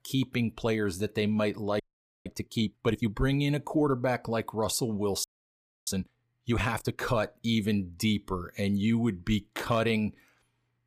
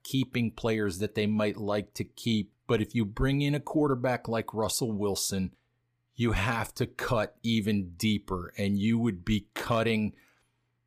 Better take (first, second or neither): second